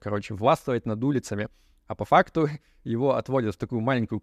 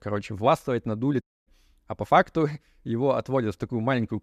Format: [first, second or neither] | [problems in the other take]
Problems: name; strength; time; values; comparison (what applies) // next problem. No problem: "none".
first | audio cutting out; at 1 s